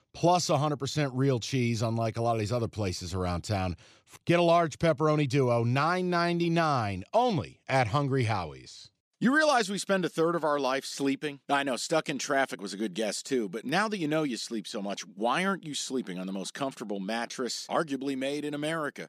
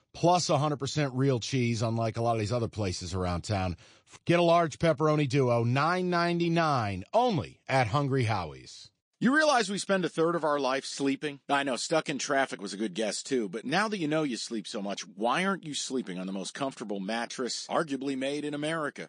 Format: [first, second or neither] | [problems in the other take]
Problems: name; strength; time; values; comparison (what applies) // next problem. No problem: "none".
first | garbled, watery; slightly; nothing above 9 kHz